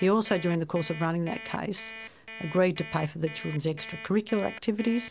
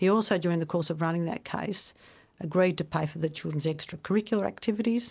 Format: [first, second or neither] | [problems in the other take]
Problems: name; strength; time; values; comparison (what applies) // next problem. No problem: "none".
second | background sound (Alarm); 15 dB below the speech